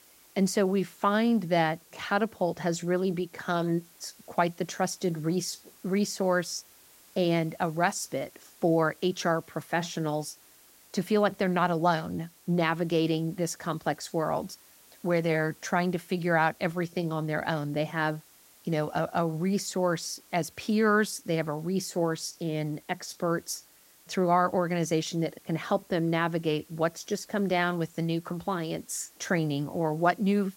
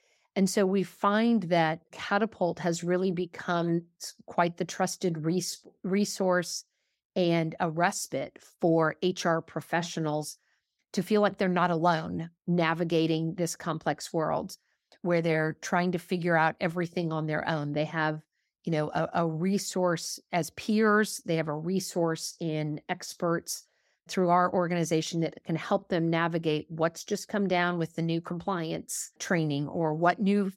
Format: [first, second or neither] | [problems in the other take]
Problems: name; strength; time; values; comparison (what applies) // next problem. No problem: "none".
second | hiss; faint; throughout; 25 dB below the speech